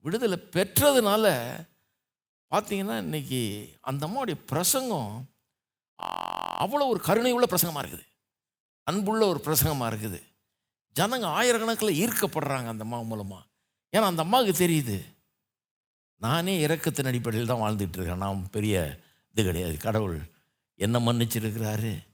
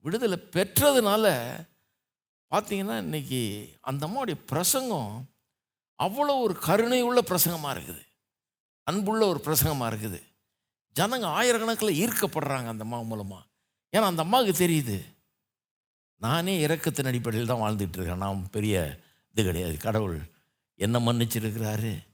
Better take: second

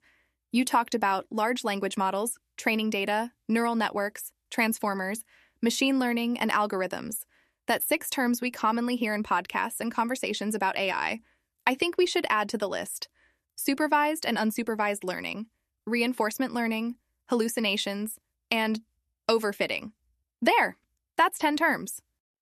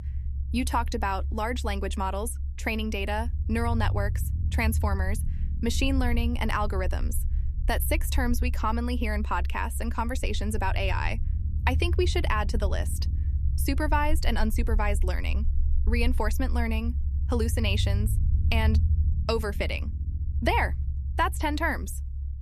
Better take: first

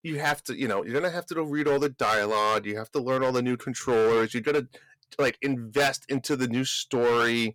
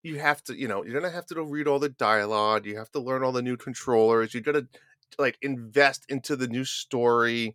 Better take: second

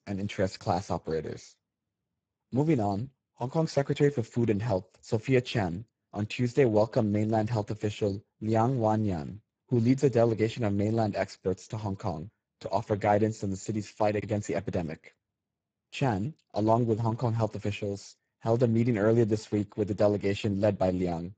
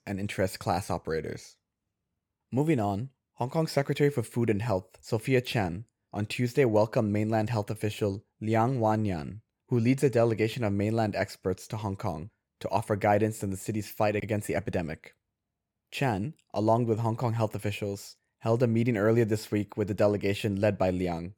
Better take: second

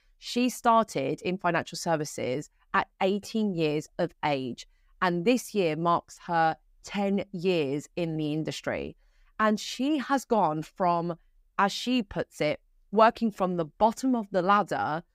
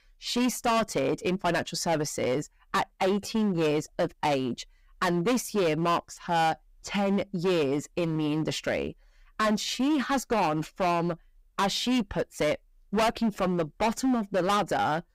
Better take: first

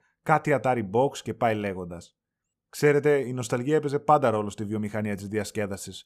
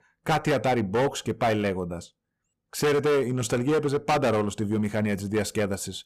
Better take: first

